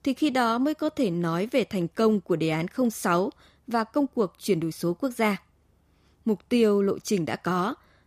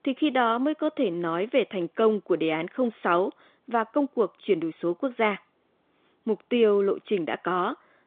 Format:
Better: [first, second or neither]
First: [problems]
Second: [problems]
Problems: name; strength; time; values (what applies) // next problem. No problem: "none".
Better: first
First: none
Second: phone-call audio; nothing above 3.5 kHz